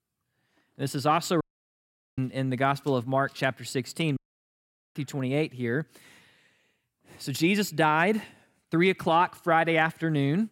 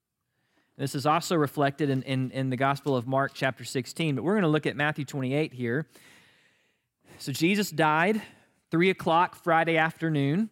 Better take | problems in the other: second | audio cutting out; at 1.5 s for 1 s and at 4 s for 1 s

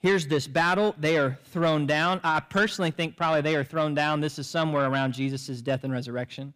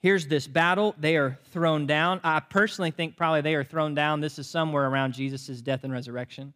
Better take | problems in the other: second | distortion; slight; 10 dB below the speech

